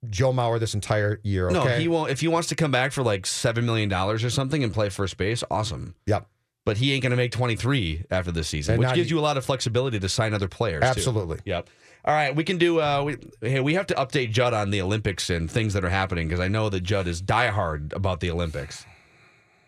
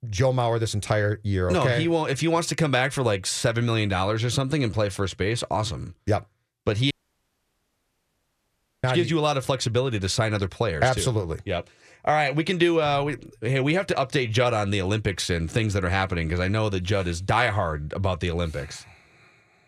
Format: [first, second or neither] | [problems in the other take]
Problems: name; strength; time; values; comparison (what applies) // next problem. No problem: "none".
first | audio cutting out; at 7 s for 2 s